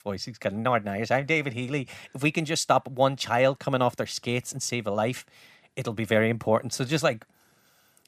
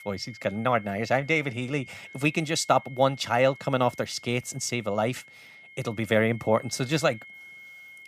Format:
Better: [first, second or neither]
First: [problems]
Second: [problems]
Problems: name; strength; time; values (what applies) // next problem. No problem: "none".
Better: first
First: none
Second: high-pitched whine; noticeable; throughout; 2 kHz, 20 dB below the speech